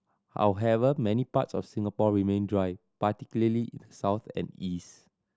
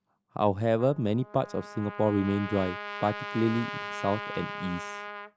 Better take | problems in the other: first | background sound (Trumpet); 10 dB below the speech

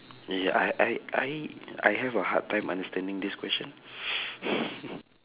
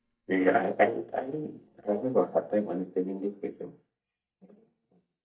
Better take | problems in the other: first | noise reduction (neural mask model DeepFilterNet 3)

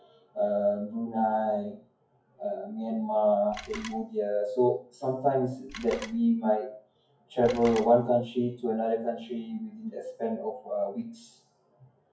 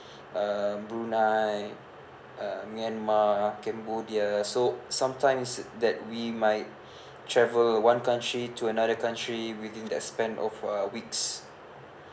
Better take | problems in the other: second | noise reduction (classical method WPE with log-MMSE)

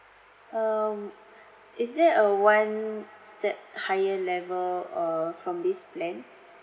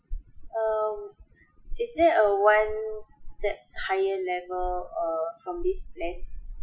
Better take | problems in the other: first | noise reduction (classical method Wiener filter)

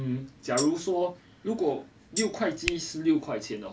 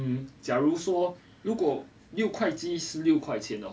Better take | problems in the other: second | background sound (Hands + Tambourine); 11 dB below the speech

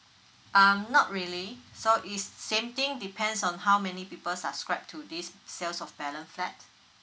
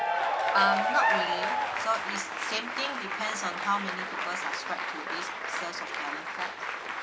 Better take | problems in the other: first | background sound (Applause / Cheering); 3 dB above the speech

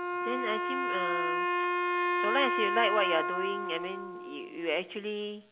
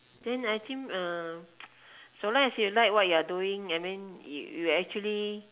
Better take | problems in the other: second | background sound (Wind instrument, woodwind instrument); 2 dB above the speech

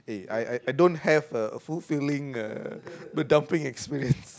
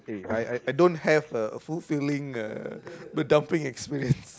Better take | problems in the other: first | noise reduction (neural mask model Resemble Enhance denoiser)

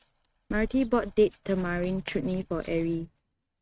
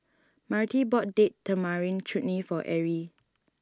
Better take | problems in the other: second | noise reduction (neural mask model RNNoise)

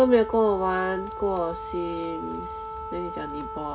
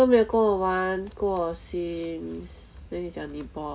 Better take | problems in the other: second | background sound (Wind instrument, woodwind instrument); 10 dB below the speech

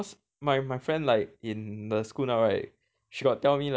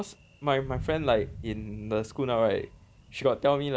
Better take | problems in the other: first | background sound (Thunder); 15 dB below the speech

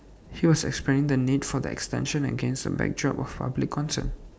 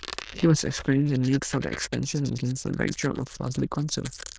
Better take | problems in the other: first | noise reduction (neural diffusion model UNIVERSE++)

